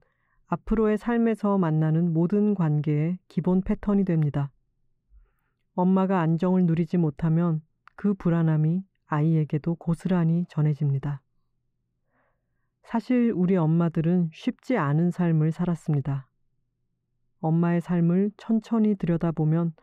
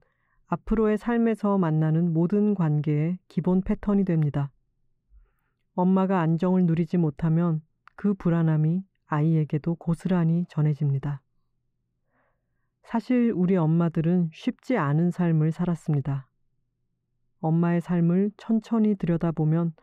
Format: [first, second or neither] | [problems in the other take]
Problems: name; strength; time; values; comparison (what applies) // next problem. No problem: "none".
neither | muffled; very; fading above 3.5 kHz; the same in both